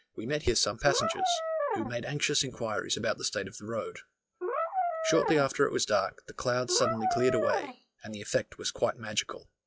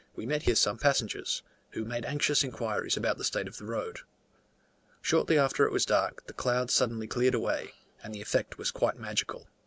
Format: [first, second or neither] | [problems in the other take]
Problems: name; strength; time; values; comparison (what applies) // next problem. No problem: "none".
second | noise reduction (classical method log-MMSE)